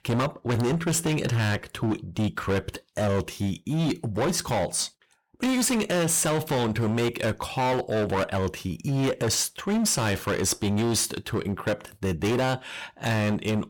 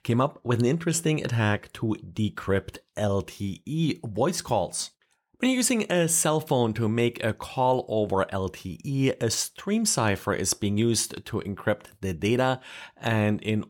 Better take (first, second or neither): second